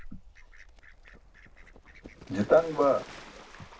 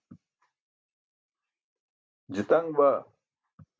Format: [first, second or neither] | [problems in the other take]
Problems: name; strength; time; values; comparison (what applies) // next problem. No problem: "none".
second | background sound (Fowl); 16 dB below the speech // room echo; dies away in 0.4 s